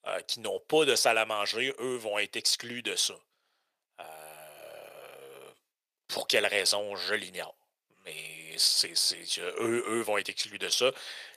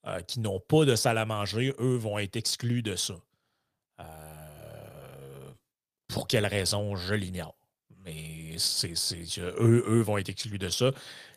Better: second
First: thin; very; fading below 550 Hz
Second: none

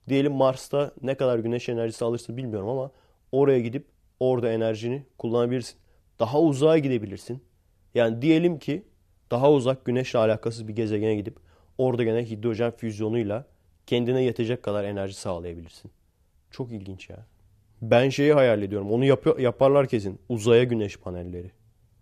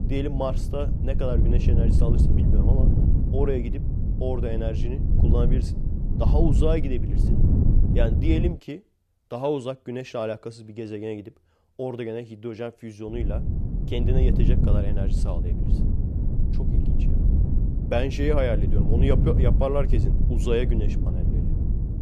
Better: first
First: none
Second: wind noise on the microphone; heavy; until 8.5 s and from 13 s on; 6 dB below the speech

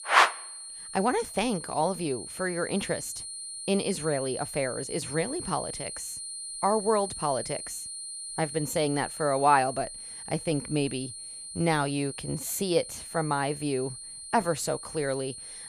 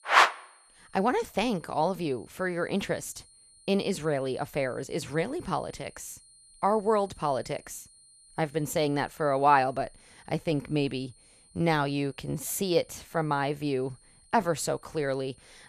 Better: second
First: high-pitched whine; loud; throughout; 9 kHz, 8 dB below the speech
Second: high-pitched whine; faint; throughout; 9 kHz, 25 dB below the speech

